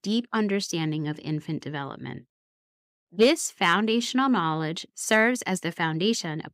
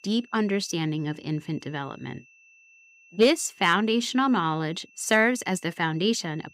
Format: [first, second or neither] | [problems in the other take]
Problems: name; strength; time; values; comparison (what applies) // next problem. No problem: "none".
first | high-pitched whine; faint; throughout; 2.5 kHz, 30 dB below the speech